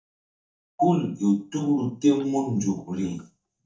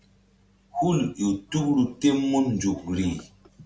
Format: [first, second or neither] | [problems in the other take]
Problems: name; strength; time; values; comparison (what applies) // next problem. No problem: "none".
second | noise reduction (neural mask model DeepFilterNet 3)